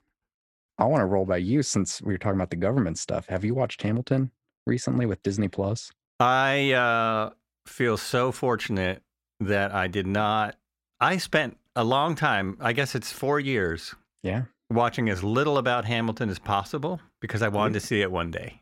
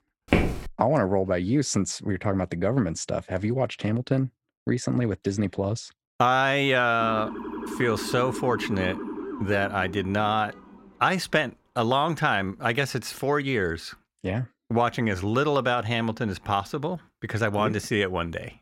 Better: first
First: none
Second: footsteps; loud; at 0.5 s; peak 1 dB above the speech // siren; noticeable; from 7 to 11 s; peak 7 dB below the speech

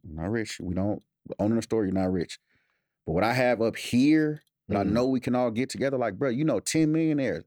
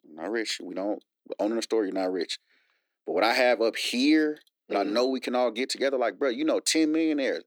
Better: first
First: none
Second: thin; very slightly; fading below 300 Hz

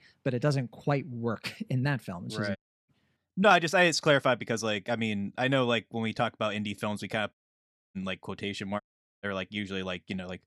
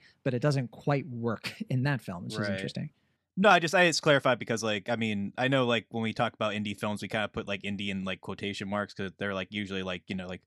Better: second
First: audio cutting out; at 2.5 s, at 7.5 s for 0.5 s and at 9 s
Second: none

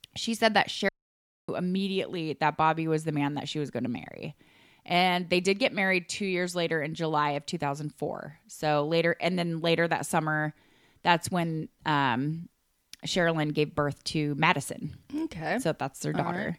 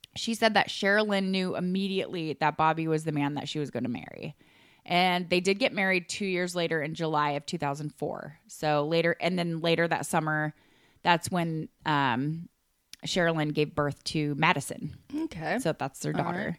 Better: second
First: audio cutting out; at 1 s for 0.5 s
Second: none

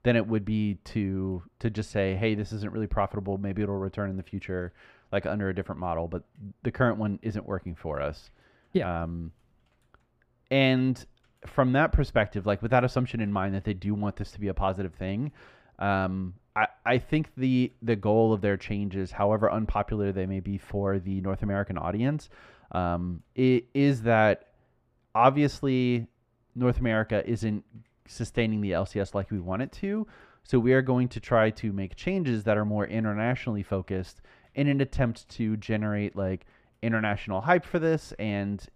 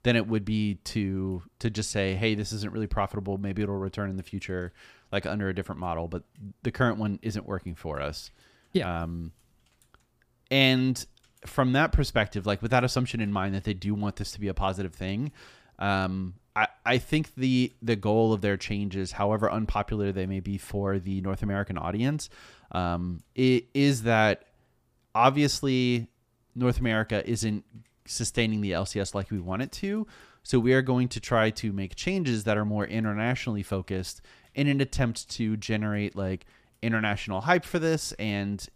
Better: second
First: muffled; slightly; fading above 3.5 kHz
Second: none

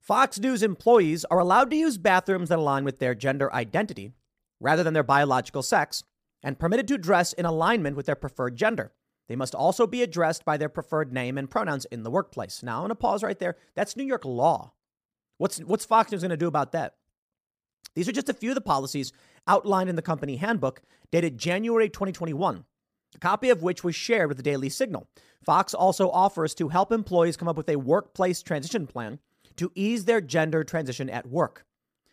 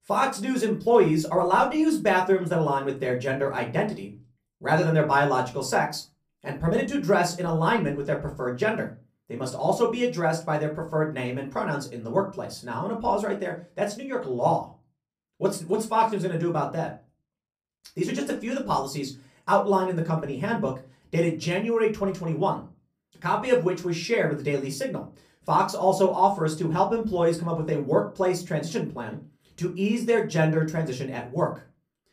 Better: first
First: none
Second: off-mic speech; far // room echo; very slight; dies away in 0.3 s

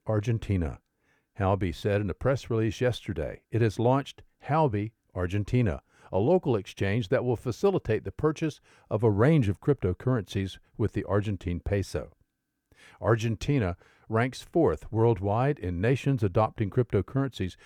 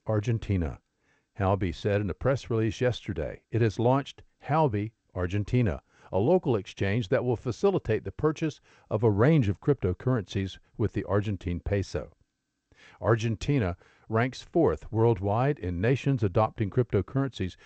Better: first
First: none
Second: garbled, watery; slightly

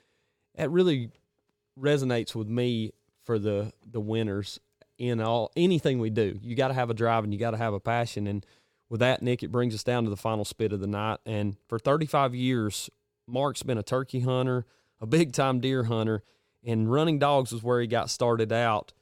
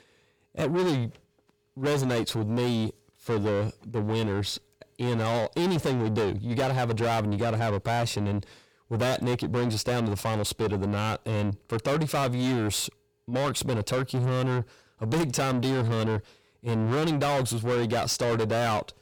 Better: first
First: none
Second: distortion; heavy; 6 dB below the speech

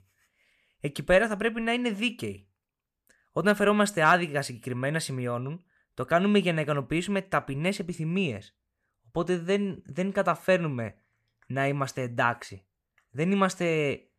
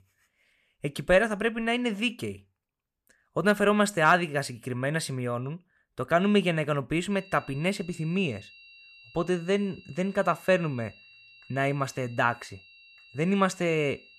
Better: first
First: none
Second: high-pitched whine; faint; from 7 s on; 2.5 kHz, 25 dB below the speech

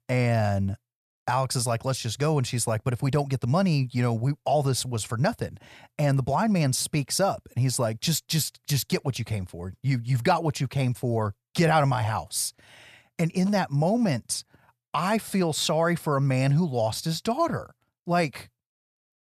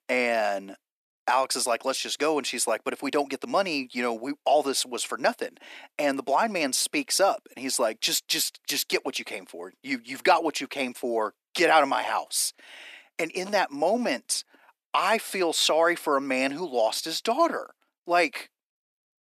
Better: first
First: none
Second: thin; somewhat; fading below 250 Hz

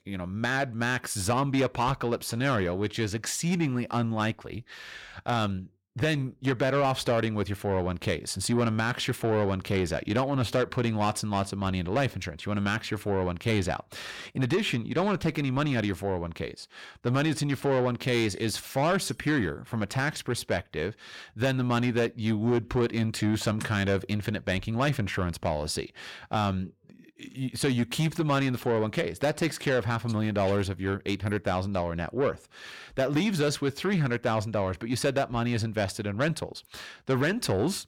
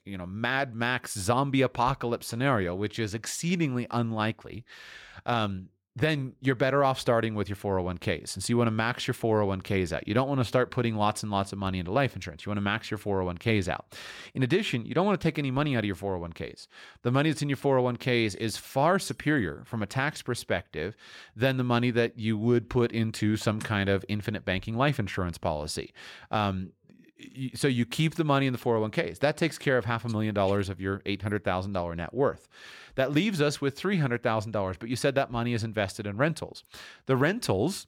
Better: second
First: distortion; slight; 10 dB below the speech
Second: none

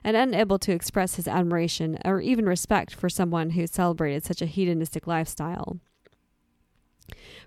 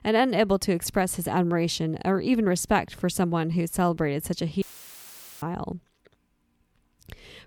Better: first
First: none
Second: audio cutting out; filled with static; at 4.5 s for 1 s

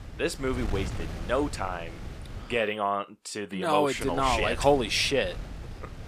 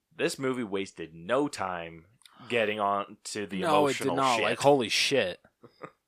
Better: second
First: wind noise on the microphone; occasional gusts; until 2.5 s and from 4 s on; 15 dB below the speech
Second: none

